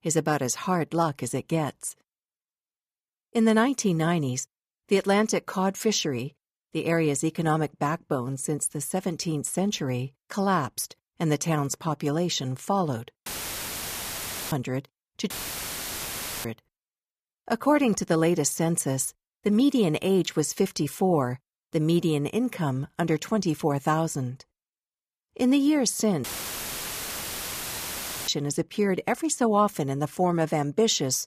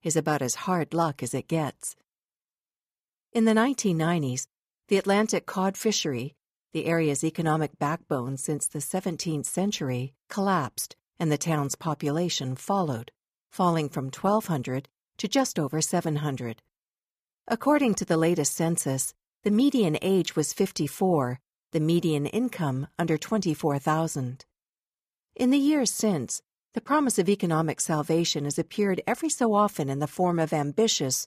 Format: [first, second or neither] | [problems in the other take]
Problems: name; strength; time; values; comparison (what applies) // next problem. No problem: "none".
second | audio cutting out; filled with static; at 13 s for 1.5 s, at 15 s for 1 s and at 26 s for 2 s